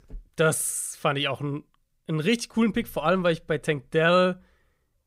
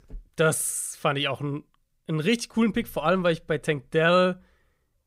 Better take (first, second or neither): neither